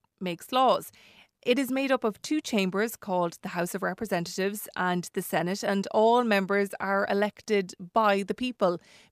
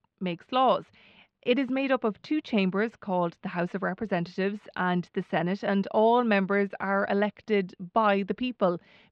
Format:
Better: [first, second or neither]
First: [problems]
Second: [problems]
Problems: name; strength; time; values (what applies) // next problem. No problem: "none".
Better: first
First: none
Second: muffled; slightly; fading above 3.5 kHz